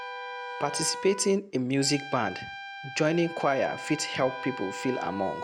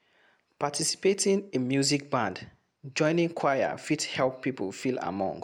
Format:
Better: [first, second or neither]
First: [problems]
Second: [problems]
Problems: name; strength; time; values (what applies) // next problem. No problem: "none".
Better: second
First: background sound (Trumpet + Wind instrument, woodwind instrument); 10 dB below the speech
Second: none